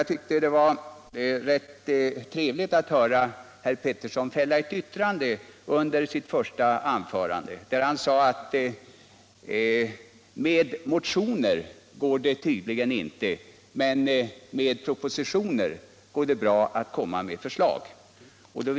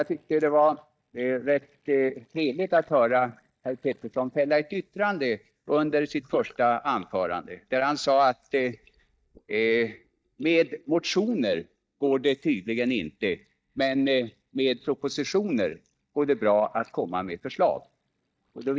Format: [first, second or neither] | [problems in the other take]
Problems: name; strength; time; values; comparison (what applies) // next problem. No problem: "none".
first | noise reduction (neural mask model DeepFilterNet 3)